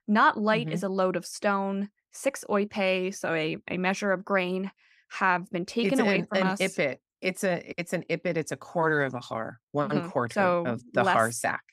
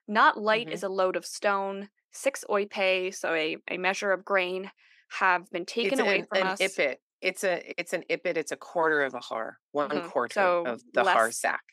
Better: first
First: none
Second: thin; somewhat; fading below 400 Hz

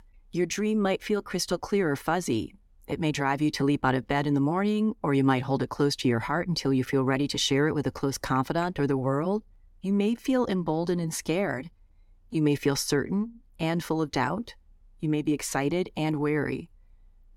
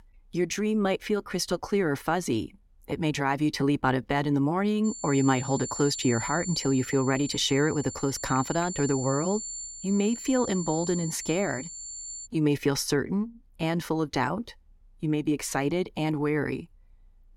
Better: first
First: none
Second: high-pitched whine; loud; from 5 to 12 s; 7 kHz, 8 dB below the speech

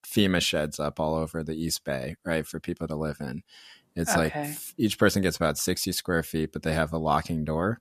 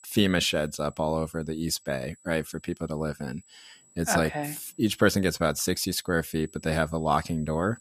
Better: first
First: none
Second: high-pitched whine; faint; throughout; 8 kHz, 25 dB below the speech

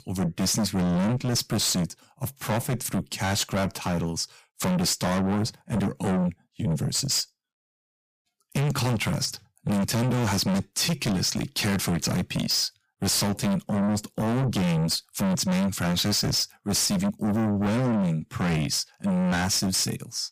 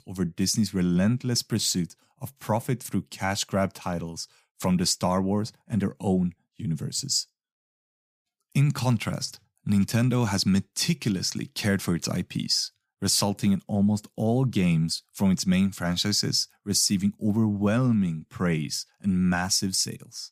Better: second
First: distortion; heavy; 6 dB below the speech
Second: none

